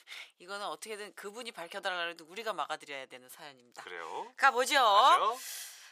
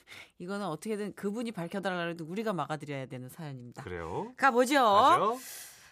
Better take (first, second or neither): second